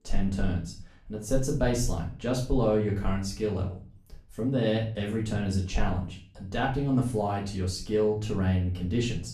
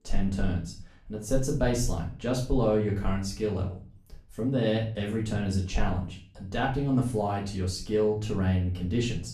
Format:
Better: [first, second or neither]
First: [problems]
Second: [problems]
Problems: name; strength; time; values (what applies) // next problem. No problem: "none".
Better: neither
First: room echo; slight; dies away in 0.4 s // off-mic speech; far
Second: room echo; slight; dies away in 0.4 s // off-mic speech; far